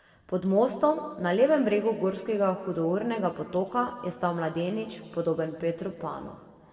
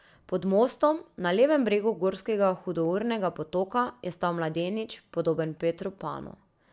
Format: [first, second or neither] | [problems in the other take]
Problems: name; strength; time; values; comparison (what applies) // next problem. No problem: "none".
second | room echo; dies away in 1.7 s